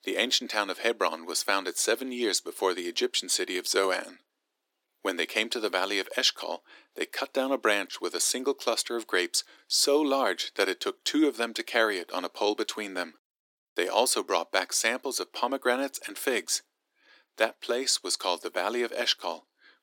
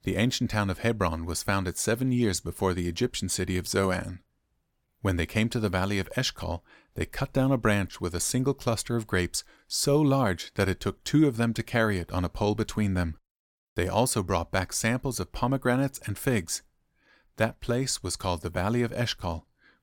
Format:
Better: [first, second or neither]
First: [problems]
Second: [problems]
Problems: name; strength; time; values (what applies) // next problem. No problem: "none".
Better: second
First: thin; somewhat; fading below 300 Hz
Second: none